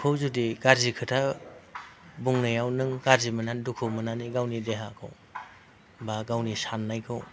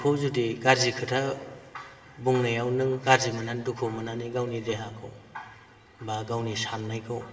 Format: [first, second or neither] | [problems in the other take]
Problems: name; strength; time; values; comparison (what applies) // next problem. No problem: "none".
first | room echo; dies away in 2.1 s